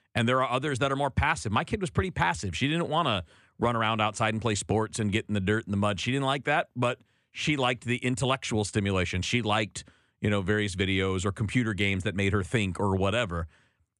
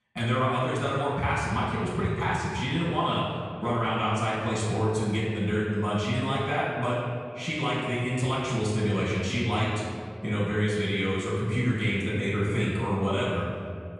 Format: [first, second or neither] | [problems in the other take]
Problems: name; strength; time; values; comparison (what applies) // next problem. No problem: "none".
first | room echo; strong; dies away in 2 s // off-mic speech; far